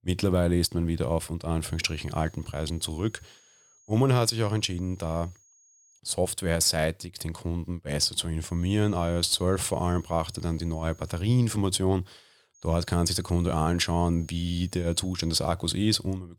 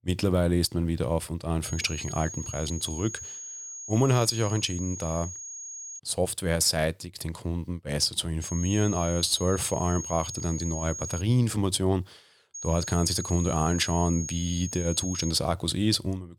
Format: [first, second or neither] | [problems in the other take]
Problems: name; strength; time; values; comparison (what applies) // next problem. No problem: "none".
first | high-pitched whine; loud; from 1.5 to 6 s, from 8.5 to 11 s and from 13 to 15 s; 6.5 kHz, 9 dB below the speech; faint in the first